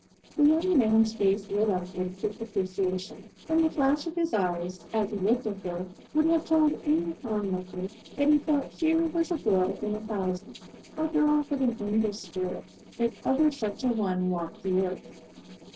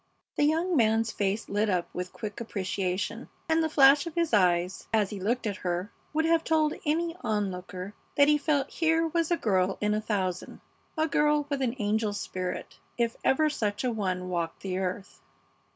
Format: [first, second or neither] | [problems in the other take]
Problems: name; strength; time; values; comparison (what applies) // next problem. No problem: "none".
second | noise reduction (neural separator model SepFormer DNS4)